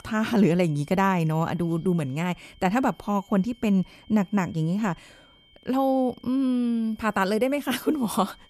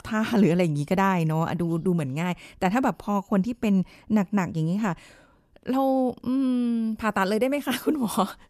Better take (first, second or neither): second